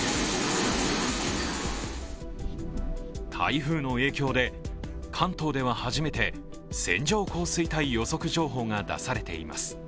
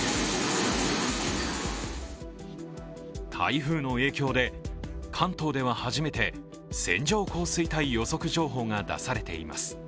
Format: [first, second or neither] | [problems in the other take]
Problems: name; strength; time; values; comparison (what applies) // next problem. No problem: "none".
second | background sound (Thunder); 12 dB below the speech